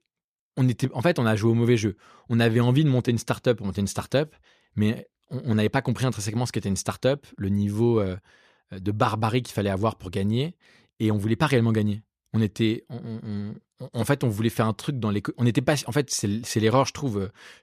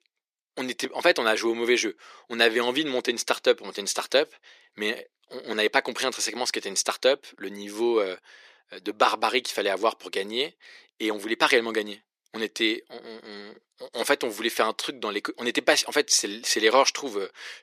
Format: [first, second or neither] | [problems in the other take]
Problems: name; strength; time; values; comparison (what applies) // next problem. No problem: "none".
first | thin; very; fading below 350 Hz